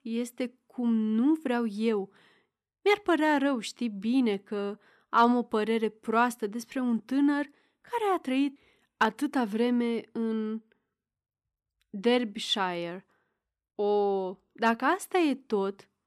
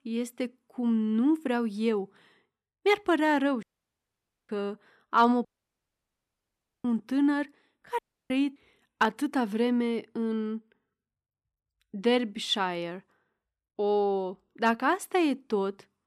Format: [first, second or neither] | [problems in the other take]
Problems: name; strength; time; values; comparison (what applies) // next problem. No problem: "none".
first | audio cutting out; at 3.5 s for 1 s, at 5.5 s for 1.5 s and at 8 s